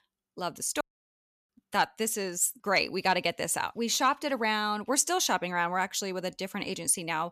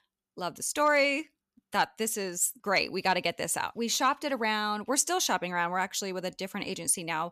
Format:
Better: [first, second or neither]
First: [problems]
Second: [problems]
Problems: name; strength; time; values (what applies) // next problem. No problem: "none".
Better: second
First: audio cutting out; at 1 s for 0.5 s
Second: none